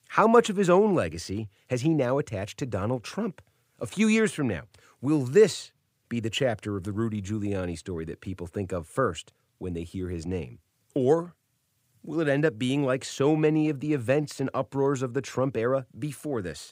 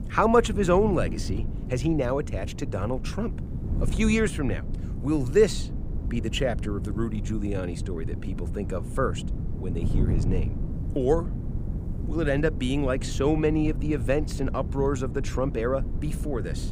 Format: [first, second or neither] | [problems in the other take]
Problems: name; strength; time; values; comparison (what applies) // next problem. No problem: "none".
first | wind noise on the microphone; occasional gusts; 15 dB below the speech